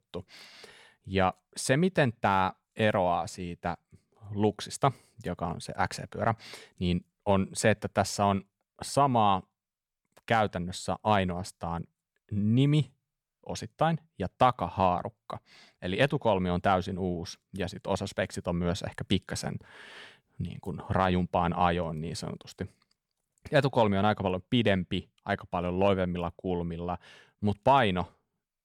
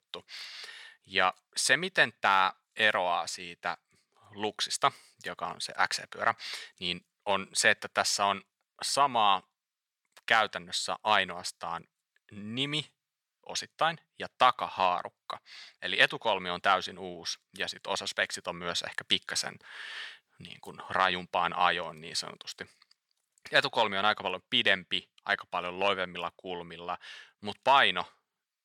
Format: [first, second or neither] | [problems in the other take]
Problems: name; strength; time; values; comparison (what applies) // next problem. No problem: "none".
first | thin; somewhat; fading below 1 kHz